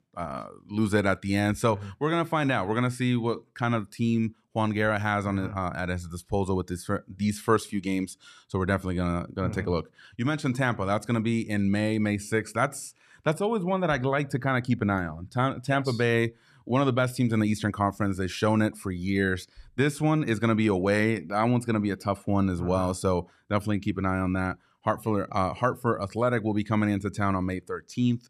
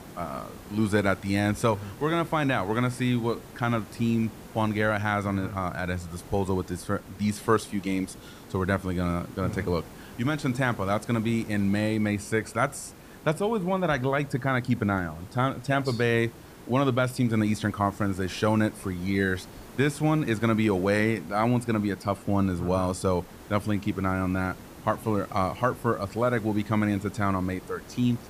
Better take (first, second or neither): first